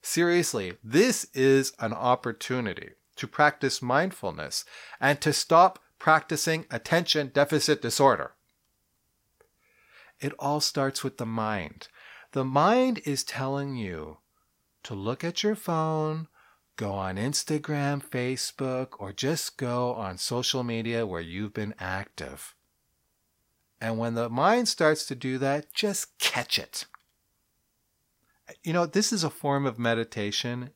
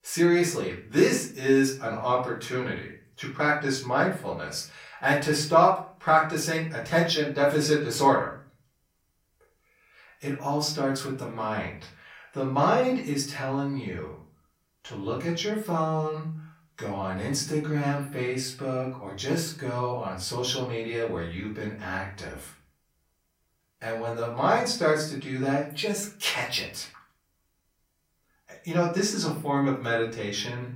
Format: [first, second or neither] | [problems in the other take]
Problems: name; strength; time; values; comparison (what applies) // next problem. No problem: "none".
first | off-mic speech; far // room echo; slight; dies away in 0.4 s